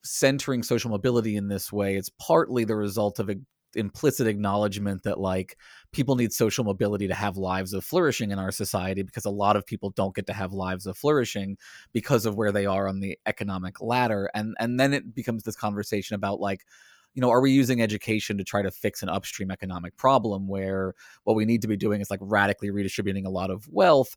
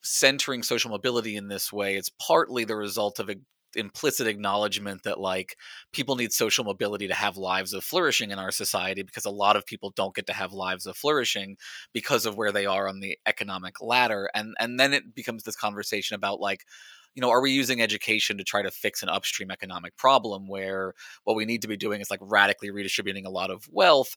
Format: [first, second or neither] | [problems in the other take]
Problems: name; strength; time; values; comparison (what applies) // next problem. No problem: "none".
first | thin; somewhat; fading below 750 Hz